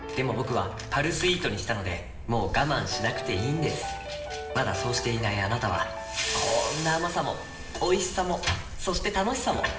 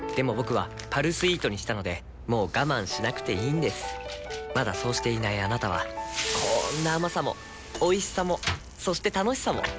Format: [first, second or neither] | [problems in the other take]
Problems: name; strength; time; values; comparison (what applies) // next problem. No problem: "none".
second | background sound (Insect); 13 dB below the speech // room echo; dies away in 1.3 s